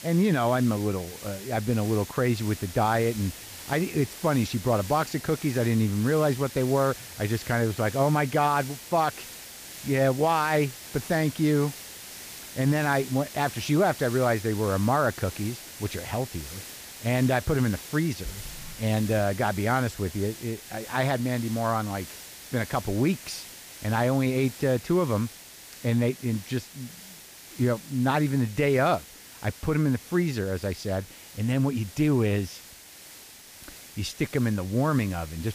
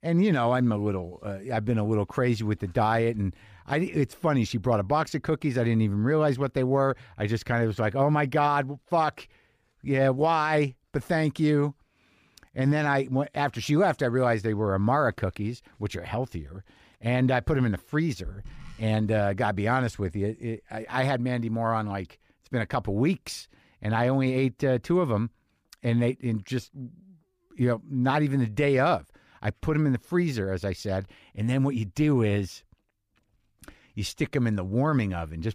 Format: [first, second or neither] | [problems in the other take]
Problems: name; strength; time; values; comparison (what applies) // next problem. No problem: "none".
second | hiss; noticeable; throughout; 15 dB below the speech